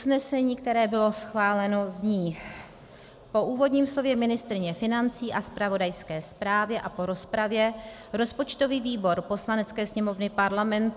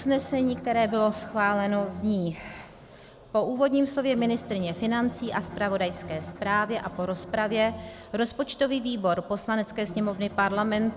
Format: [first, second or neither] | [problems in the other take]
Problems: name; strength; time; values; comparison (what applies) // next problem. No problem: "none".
first | background sound (Bowed string instrument); 15 dB below the speech